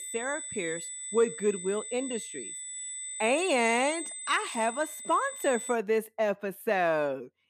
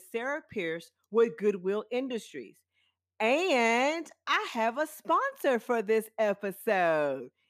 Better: second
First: high-pitched whine; loud; until 5.5 s; 8 kHz, 8 dB below the speech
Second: none

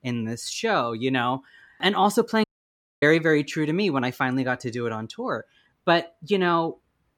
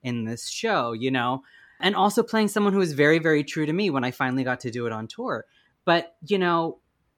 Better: second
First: audio cutting out; at 2.5 s for 0.5 s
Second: none

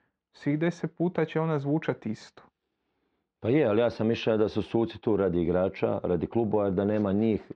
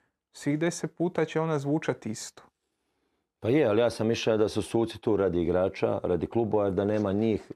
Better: second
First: muffled; slightly; fading above 4 kHz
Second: none

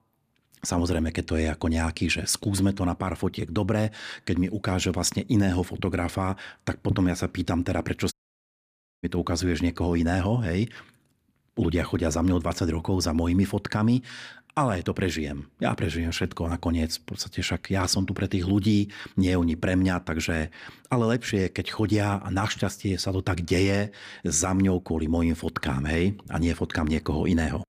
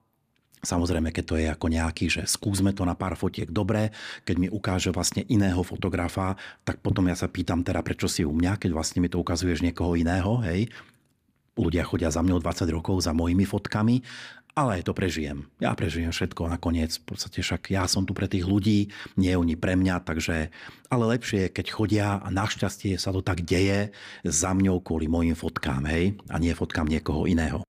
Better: second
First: audio cutting out; at 8 s for 1 s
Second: none

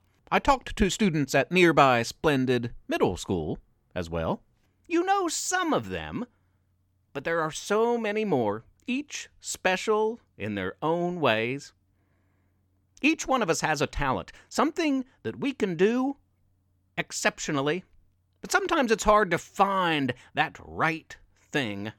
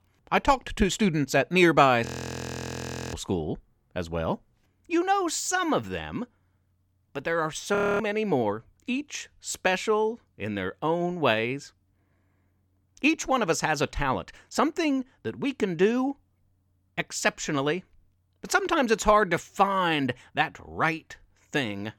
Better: first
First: none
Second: audio freezing; at 2 s for 1 s and at 8 s

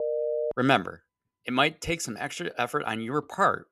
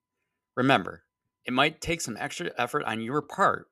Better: second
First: phone ringing; noticeable; at the start; peak 1 dB below the speech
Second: none

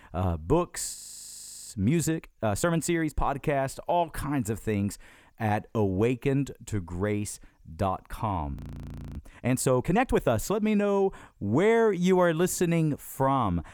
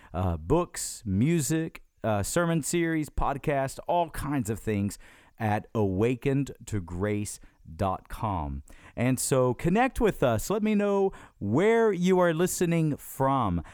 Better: second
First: audio freezing; at 1 s for 1 s and at 8.5 s for 0.5 s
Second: none

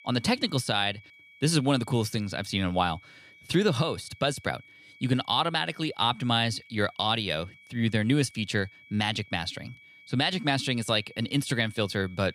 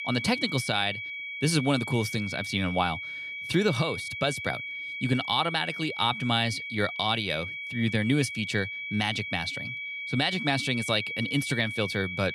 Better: first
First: high-pitched whine; faint; throughout; 2.5 kHz, 25 dB below the speech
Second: high-pitched whine; loud; throughout; 2.5 kHz, 6 dB below the speech

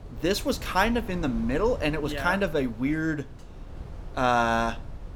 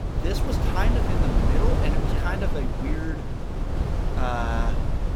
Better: first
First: wind noise on the microphone; occasional gusts; 20 dB below the speech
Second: wind noise on the microphone; heavy; 1 dB below the speech

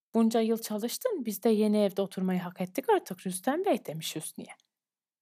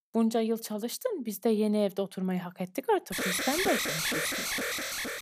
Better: first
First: none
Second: alarm; loud; from 3 s on; peak 2 dB above the speech

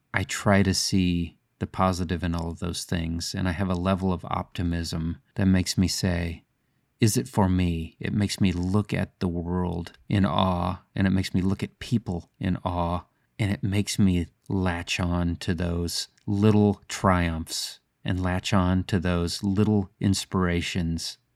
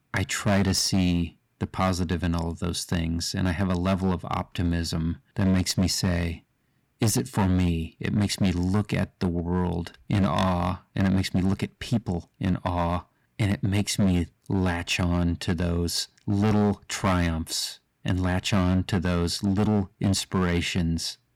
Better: first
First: none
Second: distortion; slight; 7% of the sound clipped

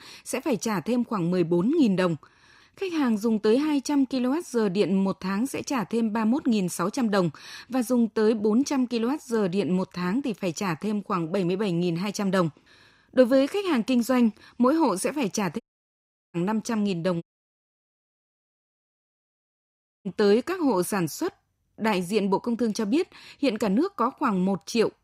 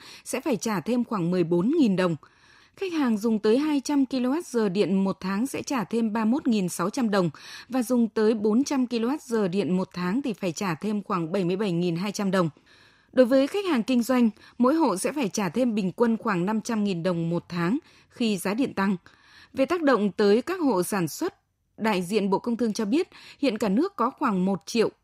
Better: second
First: audio cutting out; at 16 s for 0.5 s and at 17 s for 3 s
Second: none

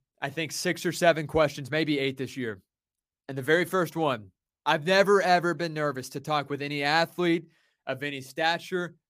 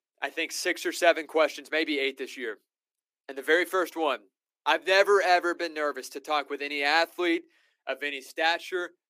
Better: first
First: none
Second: thin; somewhat; fading below 300 Hz

